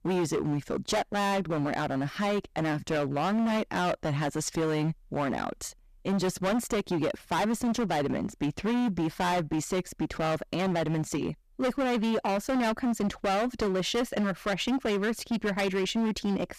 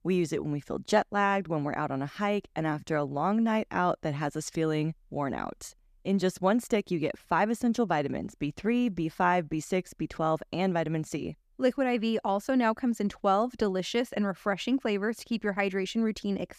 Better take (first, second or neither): second